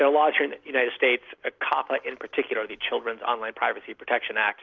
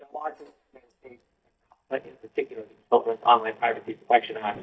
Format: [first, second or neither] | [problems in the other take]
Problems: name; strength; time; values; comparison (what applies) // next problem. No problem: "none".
first | noise reduction (neural mask model DeepFilterNet 3)